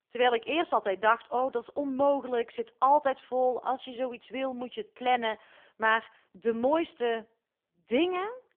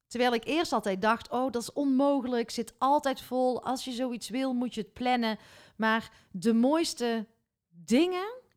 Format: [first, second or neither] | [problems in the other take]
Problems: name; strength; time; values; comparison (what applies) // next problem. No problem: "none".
second | phone-call audio; poor line; nothing above 3.5 kHz